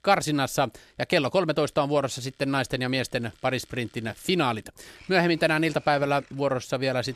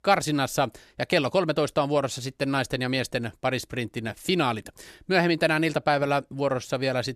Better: second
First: household noises; faint; throughout; 30 dB below the speech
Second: none

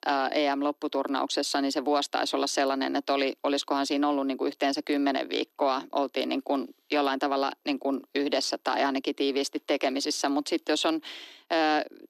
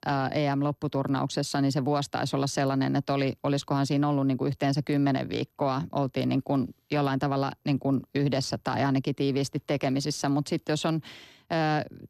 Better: second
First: thin; very slightly; fading below 300 Hz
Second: none

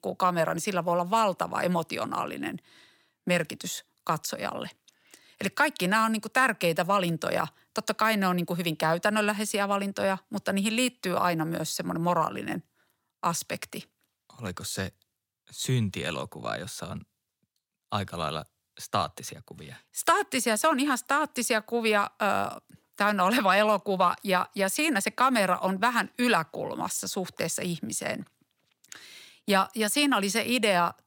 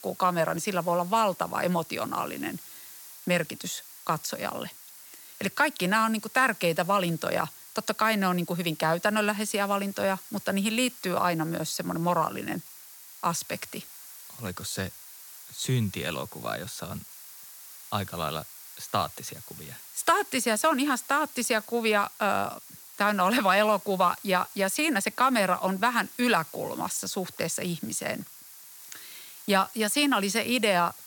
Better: first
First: none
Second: hiss; noticeable; throughout; 15 dB below the speech

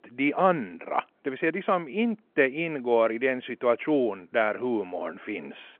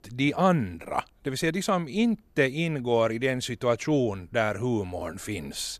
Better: second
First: phone-call audio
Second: none

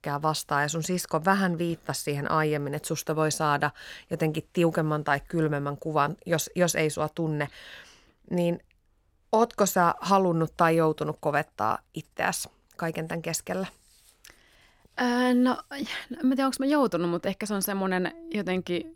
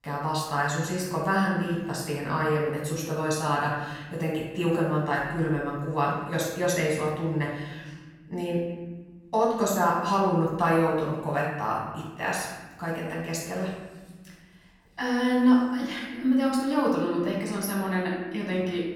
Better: first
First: none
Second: off-mic speech; far // room echo; noticeable; dies away in 1.2 s

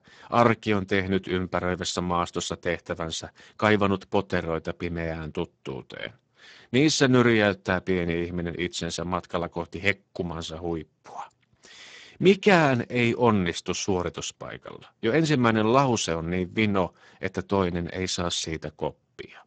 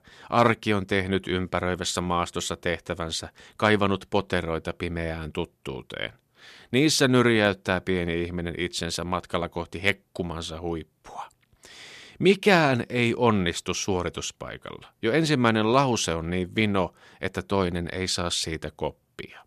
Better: second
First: garbled, watery; badly; nothing above 7.5 kHz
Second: none

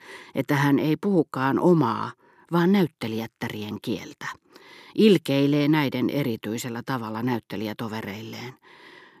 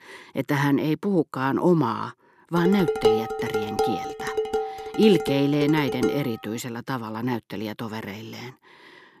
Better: first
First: none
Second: clattering dishes; loud; from 2.5 to 6 s; peak 3 dB above the speech

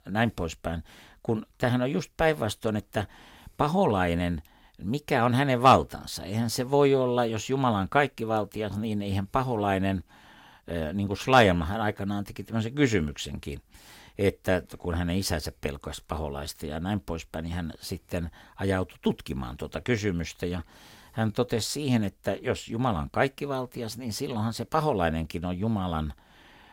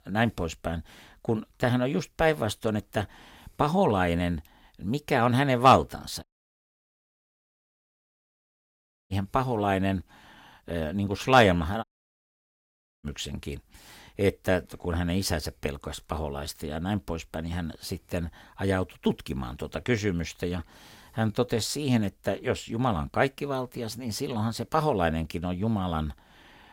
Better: first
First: none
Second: audio cutting out; at 6 s for 3 s and at 12 s for 1 s

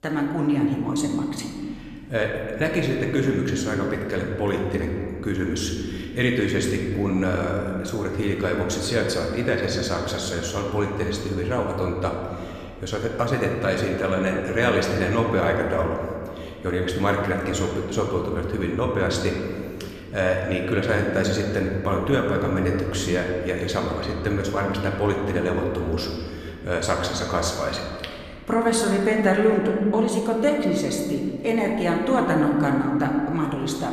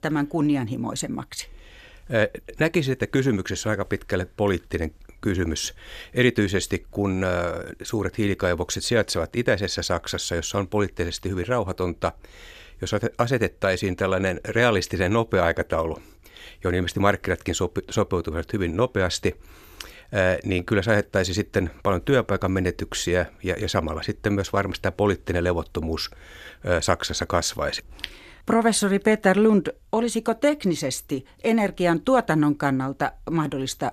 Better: second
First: room echo; noticeable; dies away in 2.3 s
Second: none

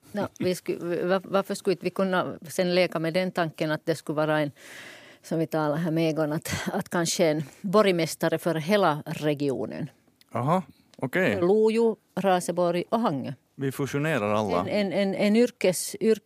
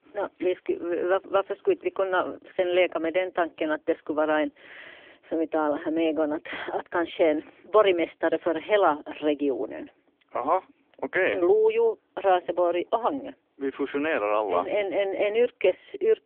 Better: first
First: none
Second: phone-call audio; nothing above 3.5 kHz

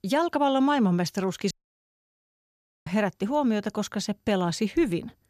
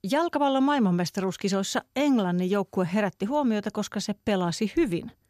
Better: second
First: audio cutting out; at 1.5 s for 1.5 s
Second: none

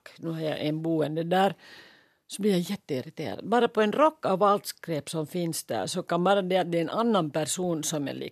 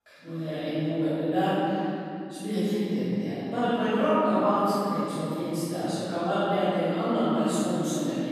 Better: first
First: none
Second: off-mic speech; far // room echo; strong; dies away in 3 s

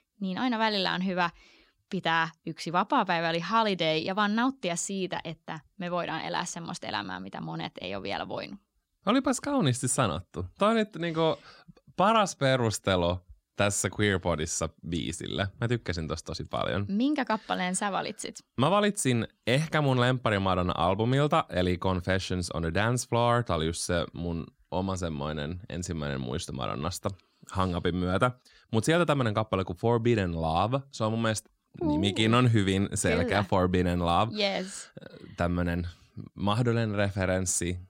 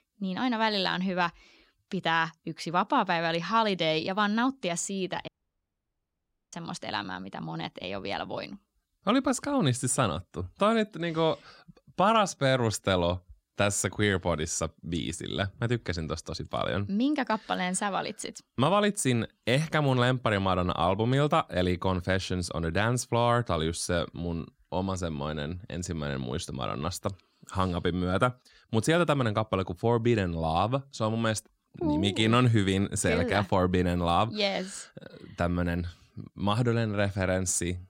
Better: first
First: none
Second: audio cutting out; at 5.5 s for 1 s

